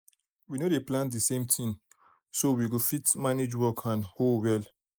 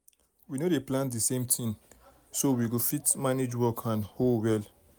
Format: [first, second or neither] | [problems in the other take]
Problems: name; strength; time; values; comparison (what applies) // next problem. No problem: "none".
second | noise reduction (neural mask model Resemble Enhance denoiser)